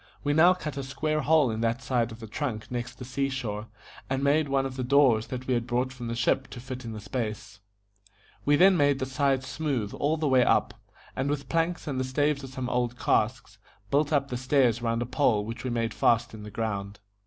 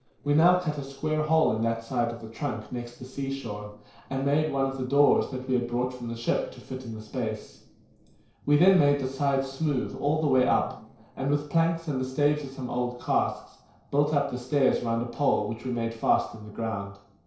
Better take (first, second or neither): first